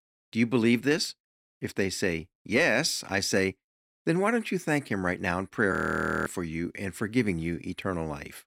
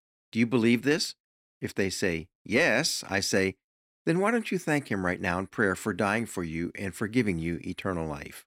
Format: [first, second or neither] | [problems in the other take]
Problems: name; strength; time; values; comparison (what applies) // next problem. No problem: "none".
second | audio freezing; at 5.5 s for 0.5 s